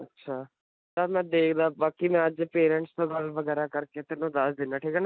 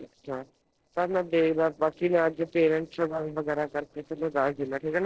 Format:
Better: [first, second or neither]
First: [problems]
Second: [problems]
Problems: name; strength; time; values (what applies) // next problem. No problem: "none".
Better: first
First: none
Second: noise reduction (neural separator model SepFormer DNS4)